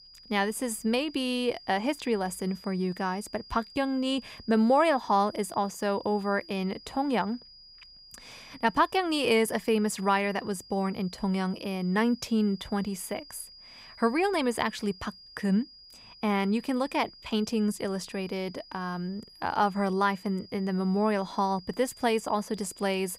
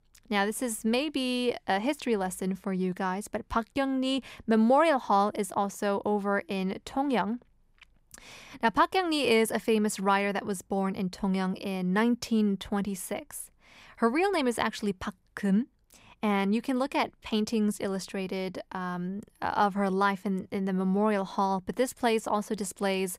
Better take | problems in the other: second | high-pitched whine; noticeable; throughout; 5 kHz, 20 dB below the speech

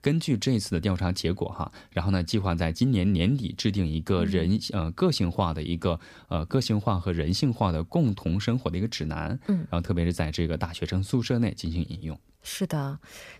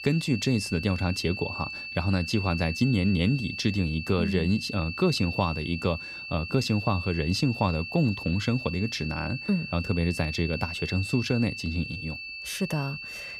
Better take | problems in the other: first | high-pitched whine; loud; throughout; 2.5 kHz, 7 dB below the speech

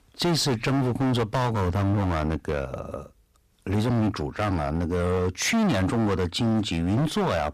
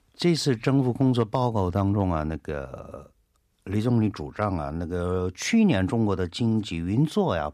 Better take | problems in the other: second | distortion; heavy; 22% of the sound clipped

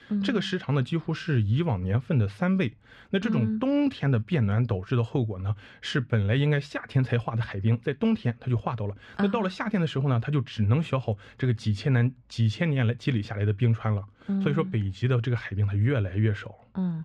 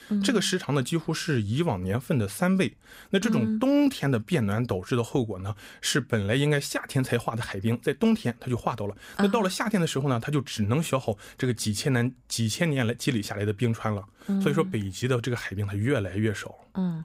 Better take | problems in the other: second | muffled; slightly; fading above 3 kHz

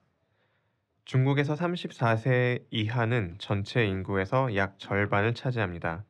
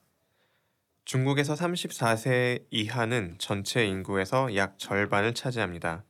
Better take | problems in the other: second | muffled; slightly; fading above 3 kHz

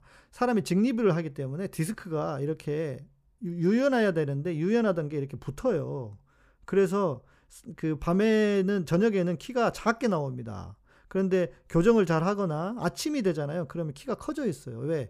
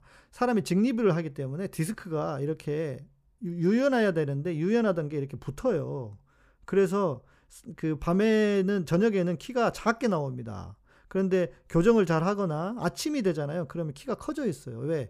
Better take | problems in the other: neither | none

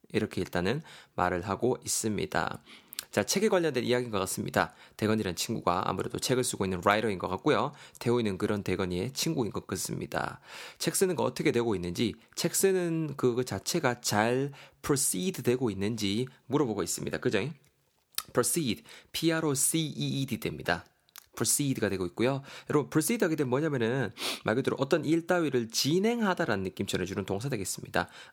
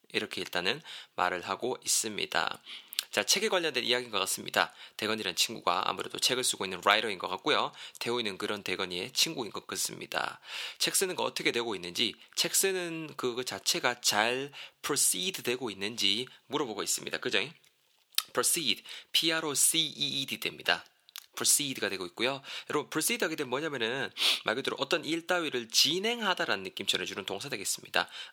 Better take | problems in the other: first | thin; somewhat; fading below 800 Hz

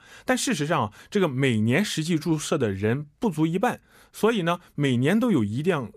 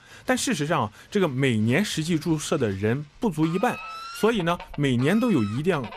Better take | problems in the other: first | animal sounds; noticeable; throughout; 15 dB below the speech

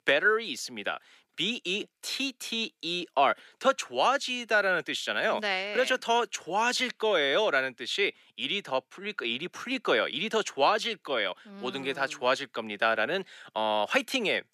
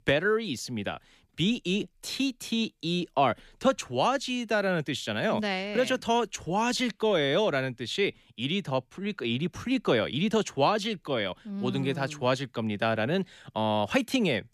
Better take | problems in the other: second | thin; somewhat; fading below 400 Hz

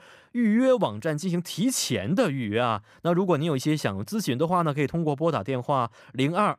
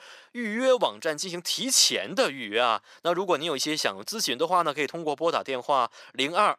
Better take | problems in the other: first | thin; somewhat; fading below 450 Hz

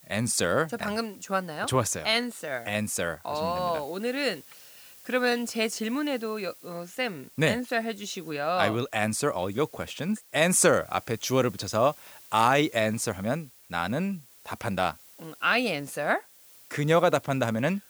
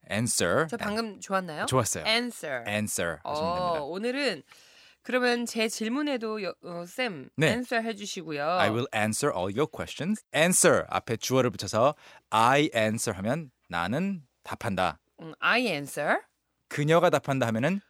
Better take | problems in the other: second | hiss; faint; throughout; 25 dB below the speech

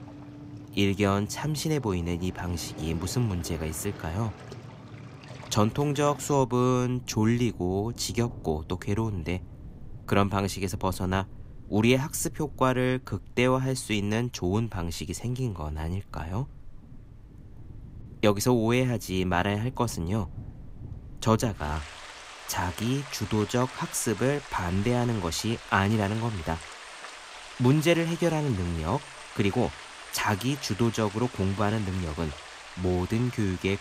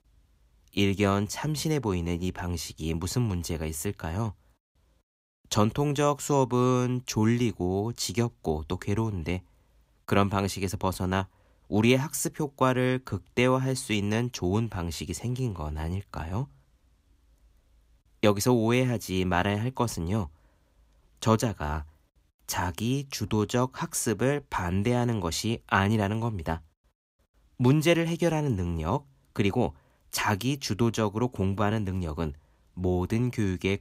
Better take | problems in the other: second | rain or running water; noticeable; throughout; 15 dB below the speech

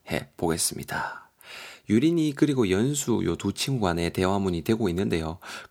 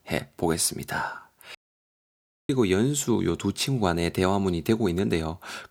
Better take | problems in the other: first | audio cutting out; at 1.5 s for 1 s

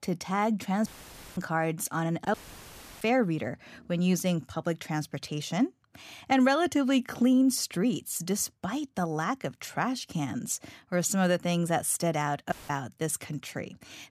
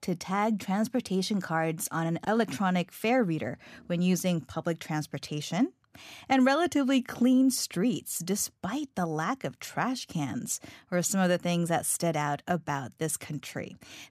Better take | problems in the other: second | audio cutting out; filled with static; at 1 s for 0.5 s, at 2.5 s for 0.5 s and at 13 s

